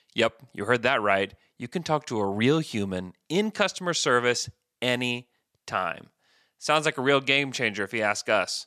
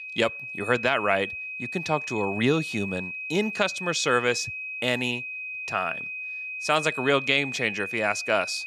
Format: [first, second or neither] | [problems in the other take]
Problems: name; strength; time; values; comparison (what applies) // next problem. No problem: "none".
first | high-pitched whine; loud; throughout; 2.5 kHz, 6 dB below the speech